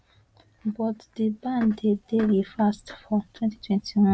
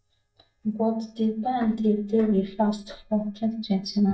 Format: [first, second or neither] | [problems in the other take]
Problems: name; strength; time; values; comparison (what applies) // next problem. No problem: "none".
first | noise reduction (neural mask model DeepFilterNet 3)